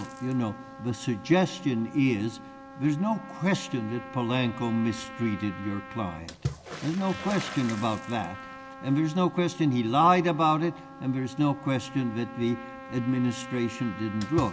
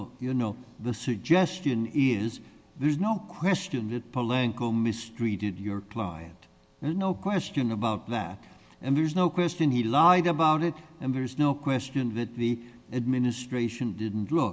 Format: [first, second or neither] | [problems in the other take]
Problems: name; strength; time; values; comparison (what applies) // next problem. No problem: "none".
second | background sound (Water / Splash, splatter + Trumpet); 13 dB below the speech